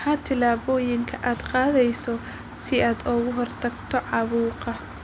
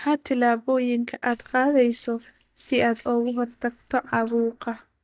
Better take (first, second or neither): first